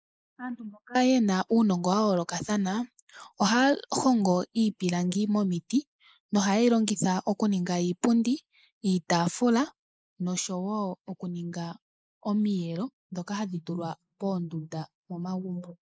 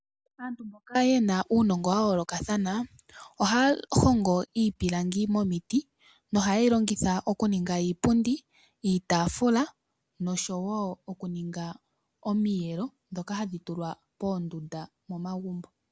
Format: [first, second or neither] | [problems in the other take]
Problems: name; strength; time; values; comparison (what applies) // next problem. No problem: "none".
second | noise reduction (neural mask model Resemble Enhance denoiser)